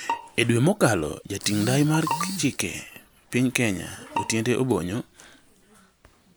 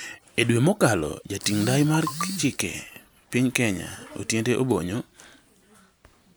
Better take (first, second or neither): second